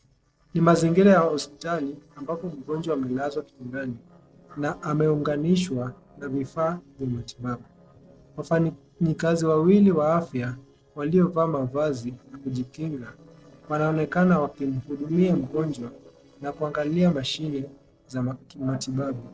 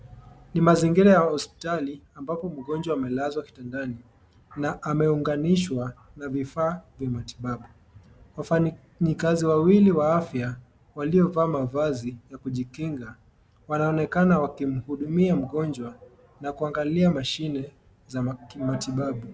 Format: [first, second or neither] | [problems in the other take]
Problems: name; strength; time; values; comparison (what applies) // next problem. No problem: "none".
second | noise reduction (neural separator model SepFormer DNS4)